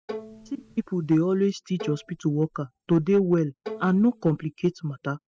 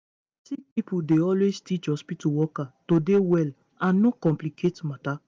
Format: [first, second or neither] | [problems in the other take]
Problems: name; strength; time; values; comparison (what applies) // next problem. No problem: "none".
second | noise reduction (classical method spectral subtraction)